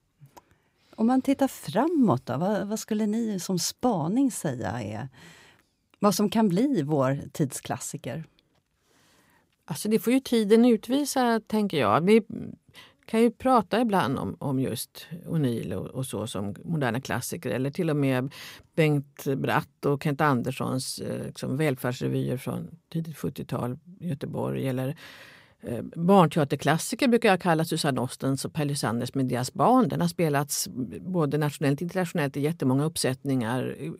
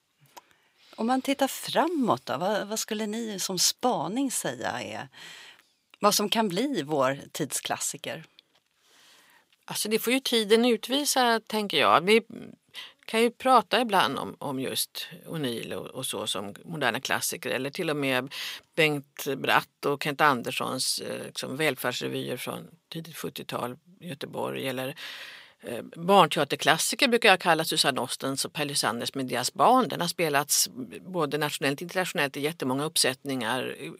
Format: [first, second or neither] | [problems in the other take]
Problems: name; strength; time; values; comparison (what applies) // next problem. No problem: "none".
first | thin; somewhat; fading below 800 Hz